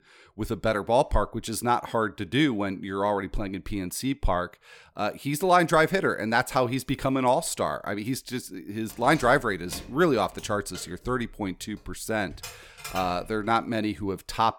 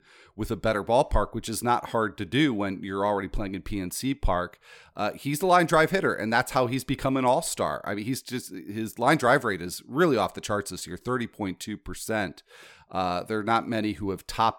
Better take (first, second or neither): second